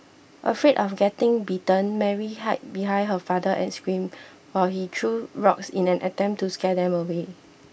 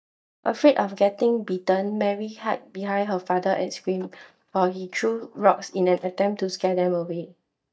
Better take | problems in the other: first | noise reduction (neural mask model DeepFilterNet 3)

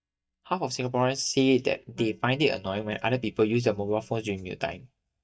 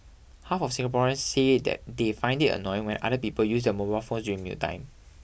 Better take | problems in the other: second | noise reduction (neural mask model DeepFilterNet 3)

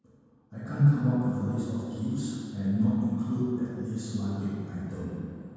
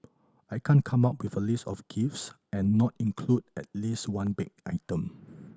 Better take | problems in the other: second | room echo; dies away in 2.1 s

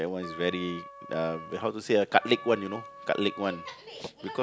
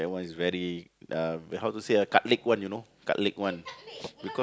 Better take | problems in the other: second | background sound (Wind instrument, woodwind instrument); 14 dB below the speech

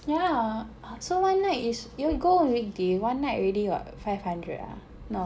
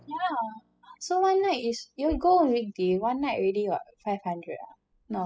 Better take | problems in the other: first | noise reduction (classical method spectral subtraction)

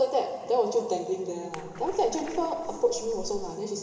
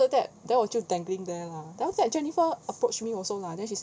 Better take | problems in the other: second | background sound (Splash, splatter); 13 dB below the speech // room echo; dies away in 2.3 s

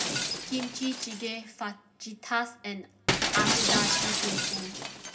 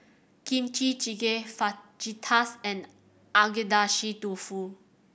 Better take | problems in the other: second | background sound (Shatter); 4 dB above the speech // room echo; dies away in 0.4 s

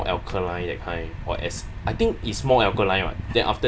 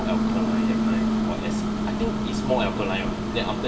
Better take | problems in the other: first | background sound (Microwave oven); 5 dB above the speech // room echo; dies away in 1 s

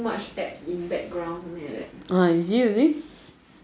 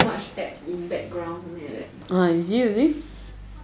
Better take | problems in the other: first | background sound (Microwave oven / Bell); 8 dB below the speech

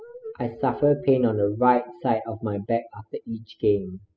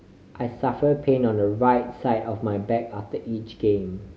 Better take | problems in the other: second | noise reduction (classical method spectral subtraction)

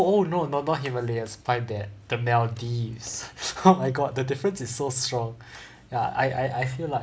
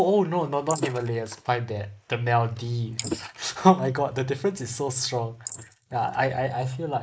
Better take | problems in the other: first | noise reduction (neural mask model Resemble Enhance denoiser)

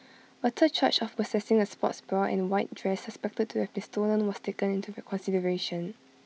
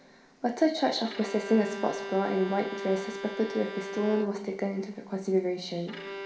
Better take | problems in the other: first | background sound (Bowed string instrument); 10 dB below the speech // room echo; dies away in 1 s

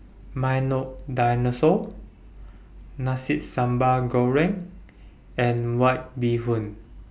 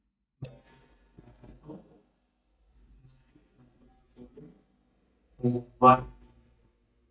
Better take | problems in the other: first | noise reduction (neural mask model DeepFilterNet 3)

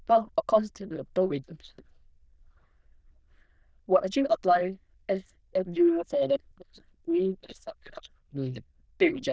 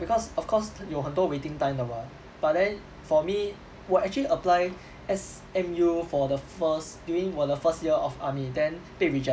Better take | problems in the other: second | noise reduction (neural diffusion model UNIVERSE++)

